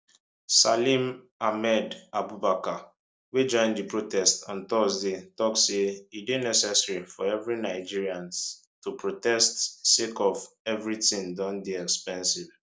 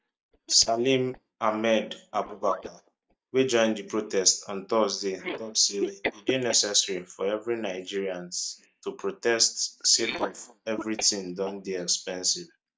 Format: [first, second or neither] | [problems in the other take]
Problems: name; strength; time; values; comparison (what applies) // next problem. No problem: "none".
first | noise reduction (neural mask model DeepFilterNet 3)